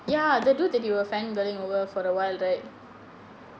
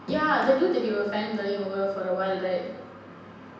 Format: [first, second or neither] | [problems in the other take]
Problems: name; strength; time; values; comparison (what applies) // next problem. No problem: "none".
first | room echo; dies away in 0.9 s